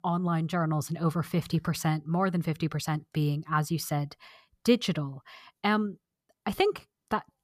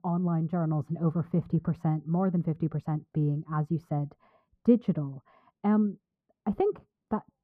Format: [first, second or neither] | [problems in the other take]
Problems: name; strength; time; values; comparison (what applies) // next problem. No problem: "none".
first | muffled; very; fading above 2 kHz